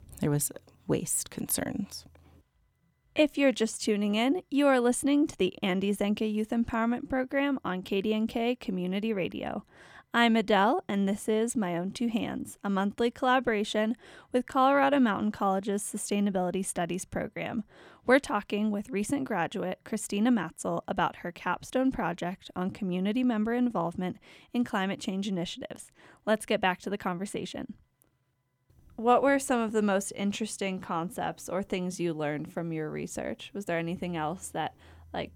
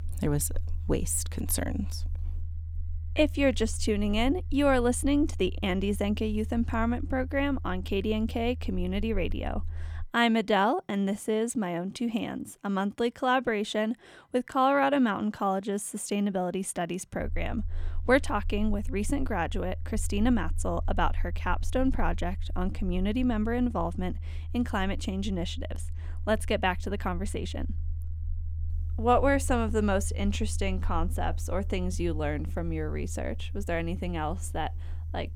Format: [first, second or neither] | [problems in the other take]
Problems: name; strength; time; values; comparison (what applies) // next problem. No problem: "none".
first | low rumble; faint; until 10 s and from 17 s on; 25 dB below the speech